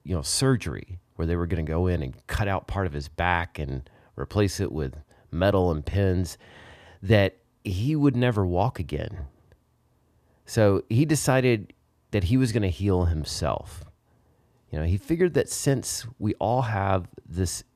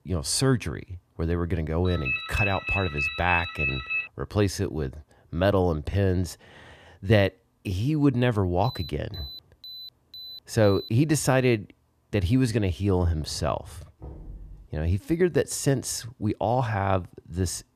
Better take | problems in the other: first | phone ringing; loud; from 2 to 4 s; peak level with the speech // alarm; faint; from 8.5 to 11 s; peak 15 dB below the speech // door banging; faint; at 14 s; peak 15 dB below the speech

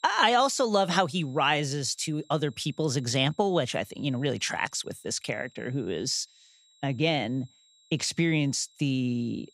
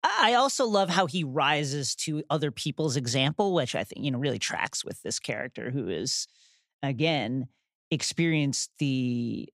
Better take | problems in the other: second | high-pitched whine; faint; throughout; 4 kHz, 30 dB below the speech

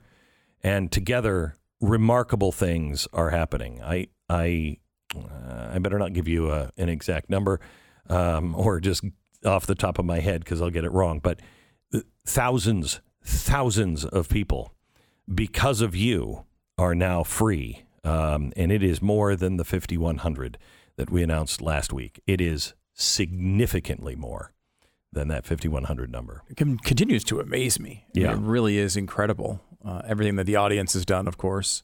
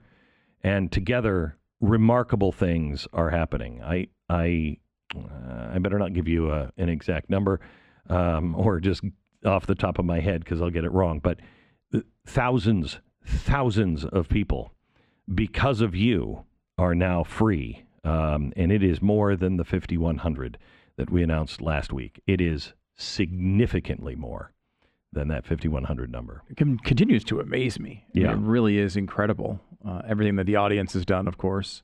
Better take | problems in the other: first | muffled; slightly; fading above 2.5 kHz

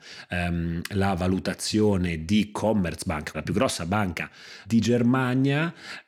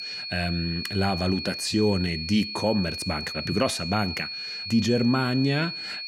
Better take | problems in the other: first | high-pitched whine; loud; throughout; 4.5 kHz, 6 dB below the speech

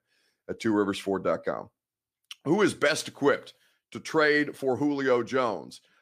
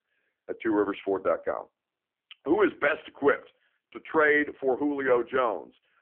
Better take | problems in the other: first | phone-call audio; poor line

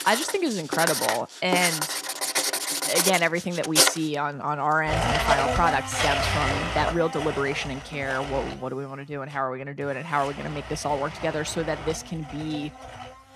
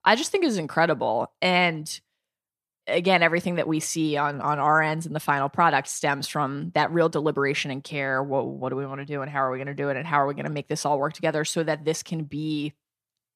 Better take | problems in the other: second | household noises; very loud; throughout; 1 dB above the speech

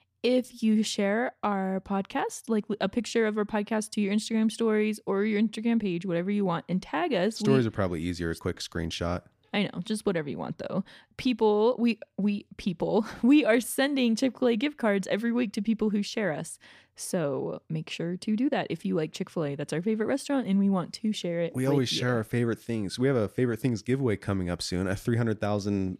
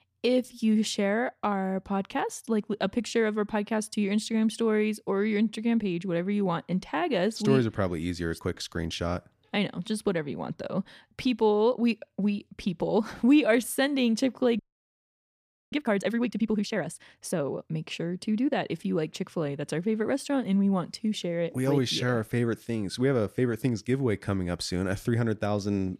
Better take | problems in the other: first | audio freezing; at 15 s for 1 s

